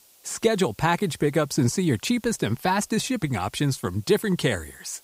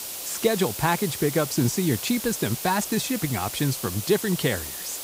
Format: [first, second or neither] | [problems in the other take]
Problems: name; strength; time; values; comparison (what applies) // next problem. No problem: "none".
first | hiss; loud; throughout; 6 dB below the speech; faint in the first